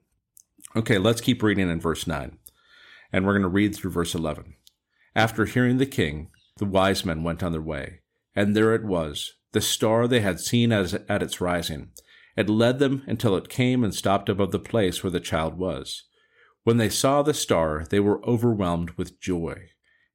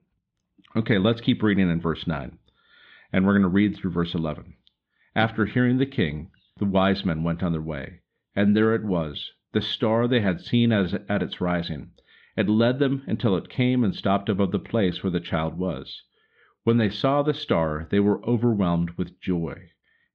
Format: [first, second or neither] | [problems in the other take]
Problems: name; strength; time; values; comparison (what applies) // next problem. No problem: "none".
first | muffled; slightly; fading above 3.5 kHz